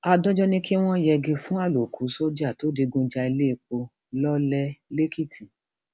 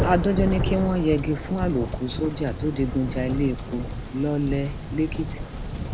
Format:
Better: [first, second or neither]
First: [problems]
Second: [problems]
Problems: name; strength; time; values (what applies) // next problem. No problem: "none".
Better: first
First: none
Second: background sound (Thunder); 4 dB below the speech